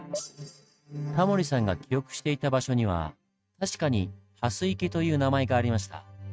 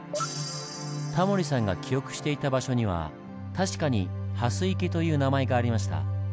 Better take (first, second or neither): second